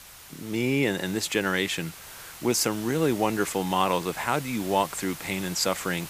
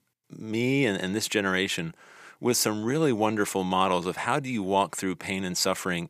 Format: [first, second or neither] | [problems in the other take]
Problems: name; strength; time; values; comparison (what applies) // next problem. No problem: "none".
second | hiss; noticeable; throughout; 15 dB below the speech